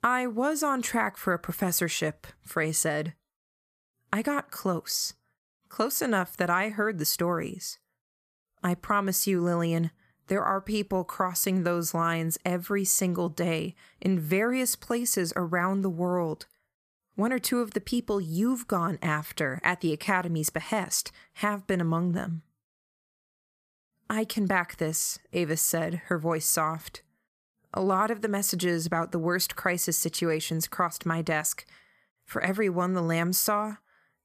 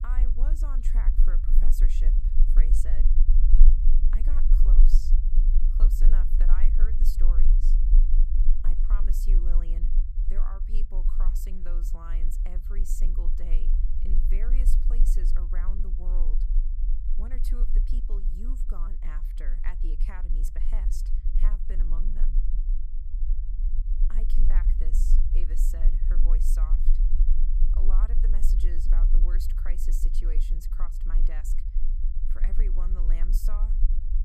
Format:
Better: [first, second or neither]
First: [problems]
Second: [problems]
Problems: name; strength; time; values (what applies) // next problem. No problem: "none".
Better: first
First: none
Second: low rumble; loud; throughout; 4 dB below the speech